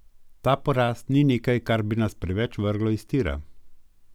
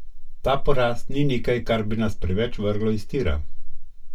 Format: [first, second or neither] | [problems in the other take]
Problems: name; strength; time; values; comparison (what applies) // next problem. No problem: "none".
first | room echo; dies away in 0.1 s